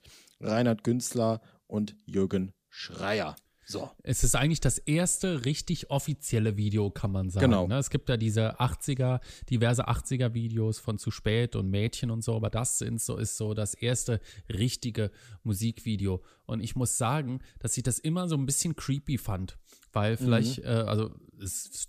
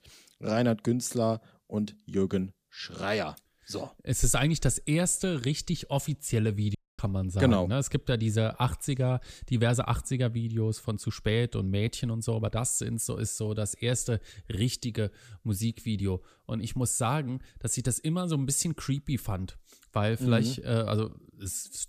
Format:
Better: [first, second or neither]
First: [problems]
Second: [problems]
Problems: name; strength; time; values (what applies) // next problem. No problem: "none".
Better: first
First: none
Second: audio cutting out; at 7 s